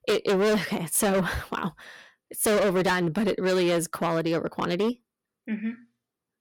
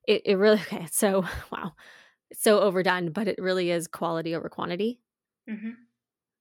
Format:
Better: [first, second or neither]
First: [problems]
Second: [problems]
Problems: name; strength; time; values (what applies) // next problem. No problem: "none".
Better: second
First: distortion; heavy; 14% of the sound clipped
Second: none